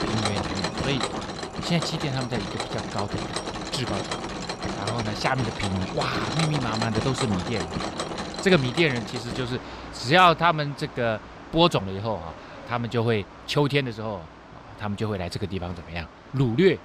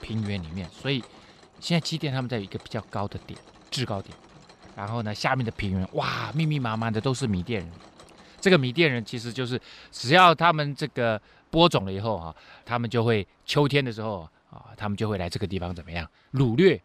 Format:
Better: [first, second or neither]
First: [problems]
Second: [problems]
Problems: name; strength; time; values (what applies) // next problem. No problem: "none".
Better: second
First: machinery noise; loud; throughout; 6 dB below the speech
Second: machinery noise; faint; throughout; 25 dB below the speech